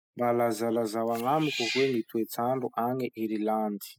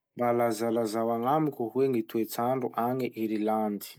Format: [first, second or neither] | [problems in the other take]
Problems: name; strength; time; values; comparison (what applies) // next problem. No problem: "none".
second | noise reduction (classical method spectral subtraction)